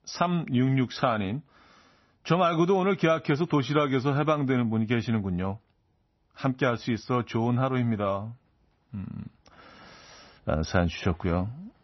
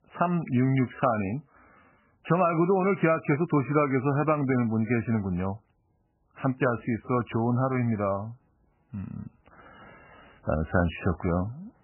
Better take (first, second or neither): first